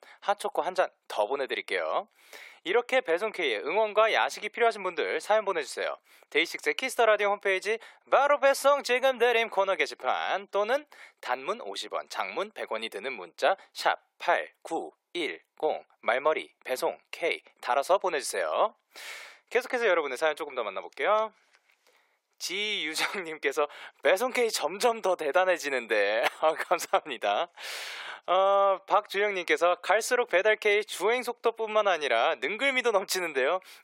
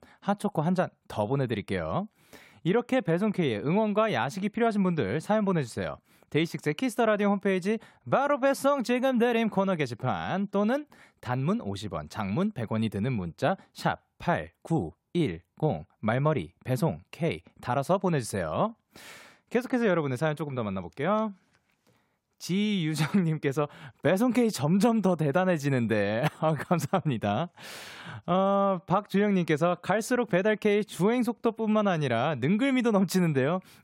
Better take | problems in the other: second | thin; very; fading below 450 Hz

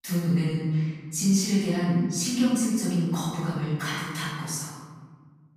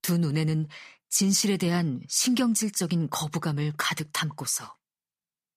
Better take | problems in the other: second | room echo; strong; dies away in 1.5 s // off-mic speech; far

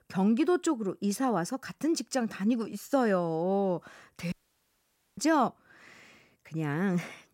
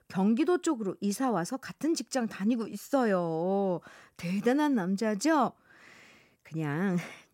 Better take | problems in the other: second | audio cutting out; at 4.5 s for 1 s

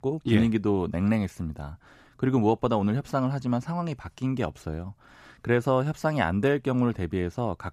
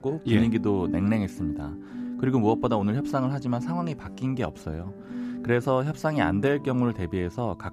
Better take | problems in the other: first | background music; loud; throughout; 8 dB below the speech

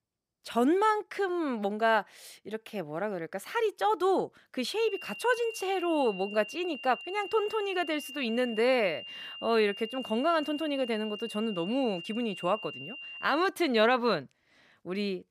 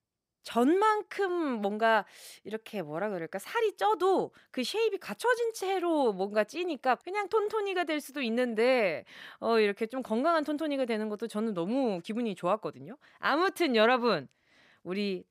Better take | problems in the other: second | high-pitched whine; noticeable; from 5 to 13 s; 3 kHz, 10 dB below the speech

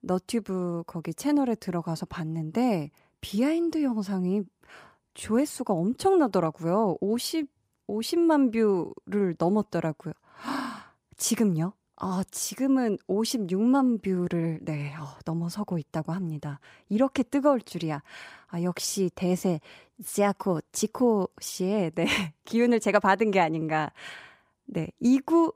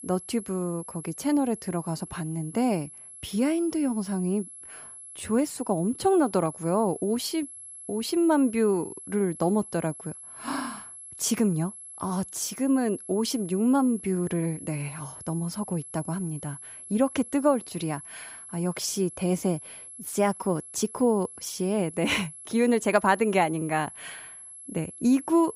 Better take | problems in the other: first | high-pitched whine; noticeable; throughout; 11 kHz, 15 dB below the speech

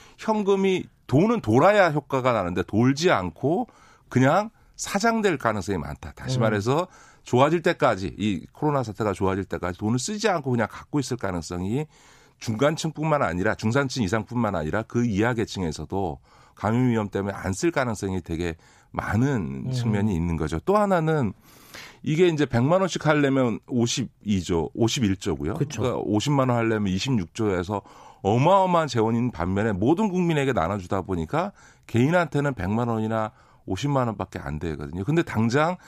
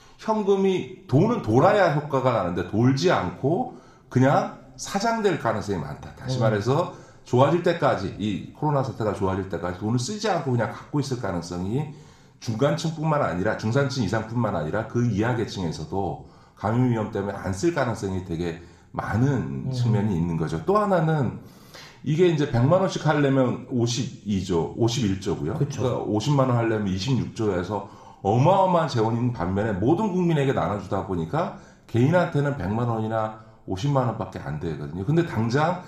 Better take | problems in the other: first | room echo; slight; dies away in 0.5 s

